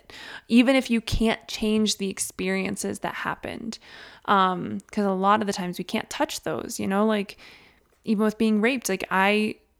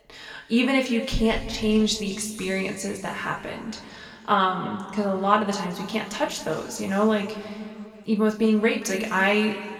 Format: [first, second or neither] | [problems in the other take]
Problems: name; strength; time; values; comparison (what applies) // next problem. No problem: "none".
first | room echo; noticeable; dies away in 2 s // off-mic speech; somewhat distant